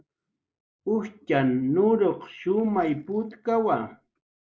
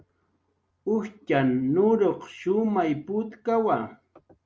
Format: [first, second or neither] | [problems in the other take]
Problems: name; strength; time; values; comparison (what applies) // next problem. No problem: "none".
second | noise reduction (neural mask model Resemble Enhance denoiser)